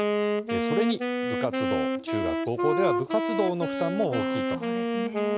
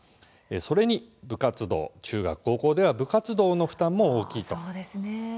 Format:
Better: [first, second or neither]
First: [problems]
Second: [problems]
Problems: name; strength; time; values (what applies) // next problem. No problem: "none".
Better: second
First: background sound (Wind instrument, woodwind instrument); 3 dB above the speech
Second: none